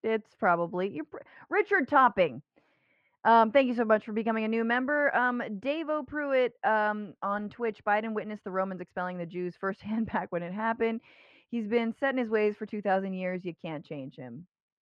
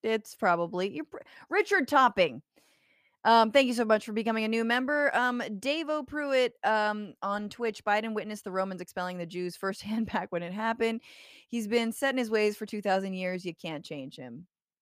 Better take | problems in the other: second | muffled; very; fading above 1.5 kHz

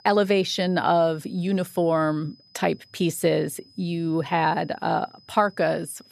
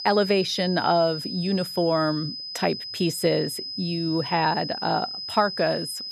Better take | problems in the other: first | high-pitched whine; loud; throughout; 5 kHz, 6 dB below the speech; faint in the first

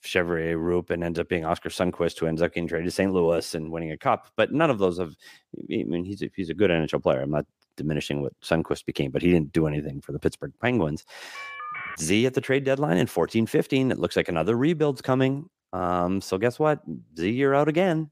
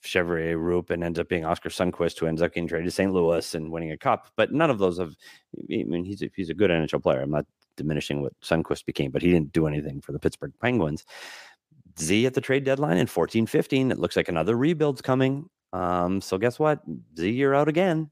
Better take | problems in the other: second | phone ringing; noticeable; at 11 s; peak 8 dB below the speech

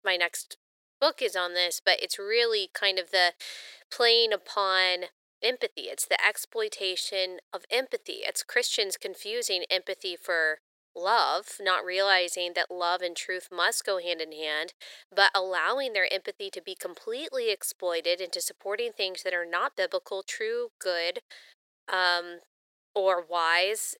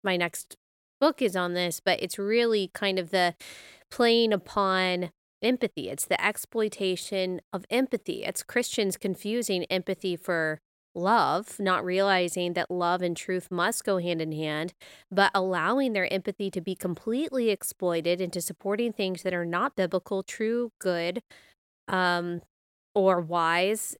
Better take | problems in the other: second | thin; very; fading below 450 Hz

